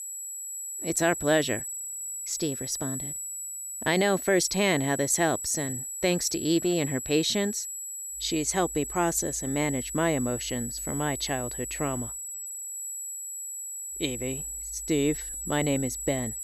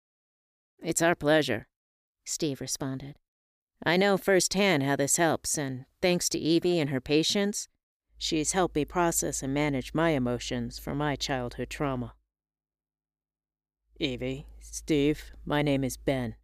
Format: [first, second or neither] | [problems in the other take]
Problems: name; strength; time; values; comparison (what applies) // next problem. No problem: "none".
second | high-pitched whine; loud; throughout; 8 kHz, 5 dB below the speech